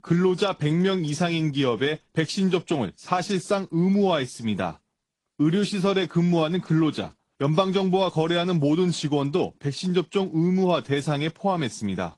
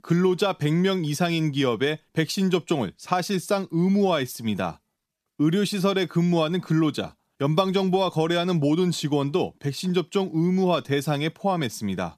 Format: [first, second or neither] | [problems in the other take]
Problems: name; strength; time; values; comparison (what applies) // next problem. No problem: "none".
second | garbled, watery; slightly; nothing above 10 kHz